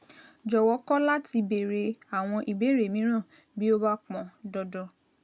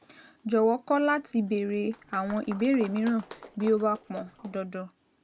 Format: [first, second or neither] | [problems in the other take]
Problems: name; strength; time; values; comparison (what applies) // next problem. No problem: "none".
first | background sound (Applause); 19 dB below the speech